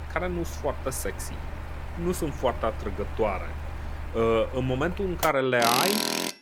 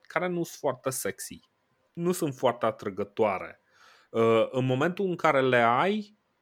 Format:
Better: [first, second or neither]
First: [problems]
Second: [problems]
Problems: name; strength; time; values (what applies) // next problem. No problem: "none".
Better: second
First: machinery noise; loud; throughout; 5 dB below the speech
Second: none